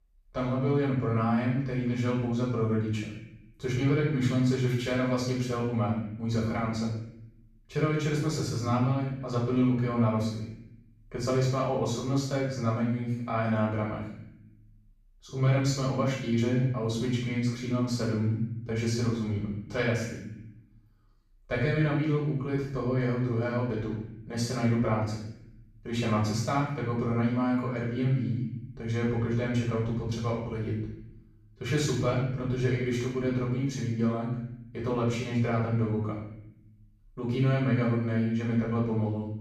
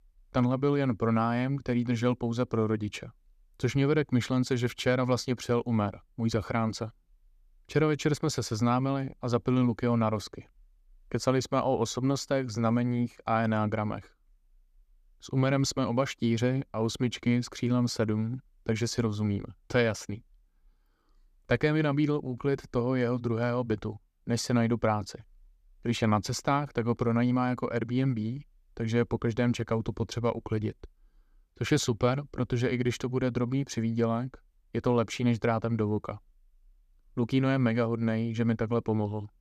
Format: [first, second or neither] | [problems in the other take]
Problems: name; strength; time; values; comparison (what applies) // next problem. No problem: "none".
second | off-mic speech; far // room echo; noticeable; dies away in 0.8 s